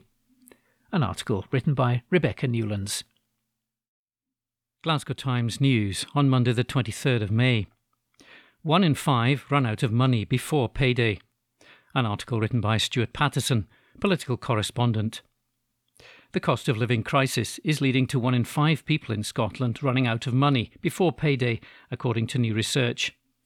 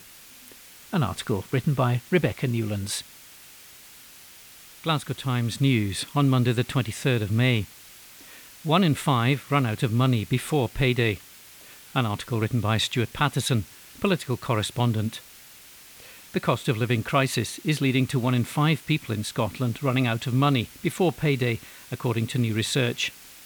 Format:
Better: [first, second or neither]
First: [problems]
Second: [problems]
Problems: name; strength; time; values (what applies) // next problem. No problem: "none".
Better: first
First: none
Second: hiss; noticeable; throughout; 20 dB below the speech